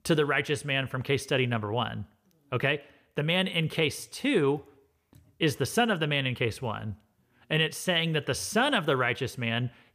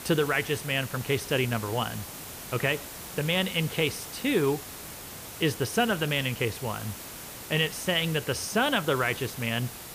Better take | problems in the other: first | hiss; noticeable; throughout; 10 dB below the speech

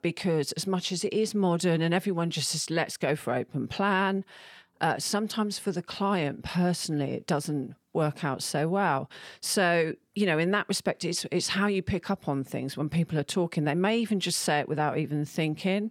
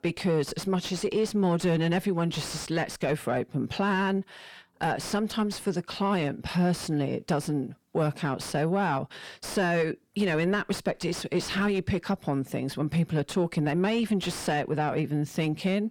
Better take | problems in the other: first | distortion; slight; 10 dB below the speech

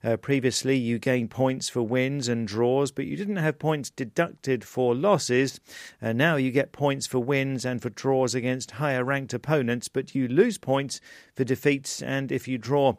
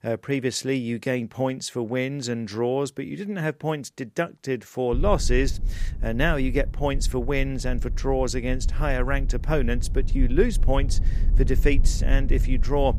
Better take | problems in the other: first | low rumble; noticeable; from 5 s on; 20 dB below the speech

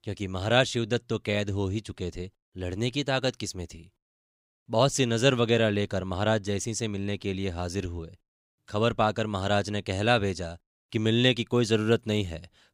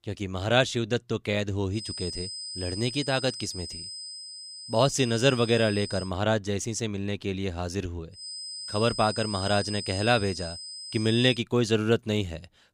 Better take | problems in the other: first | high-pitched whine; loud; from 2 to 6 s and from 8 to 11 s; 5 kHz, 9 dB below the speech

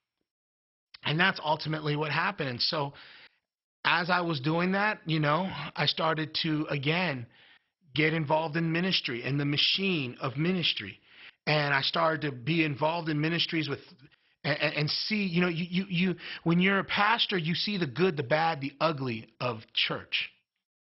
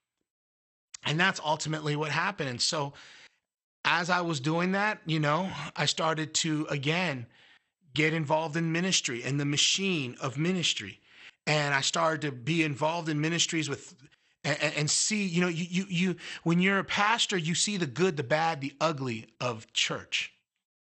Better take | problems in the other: second | garbled, watery; badly; nothing above 5.5 kHz; slightly in the second

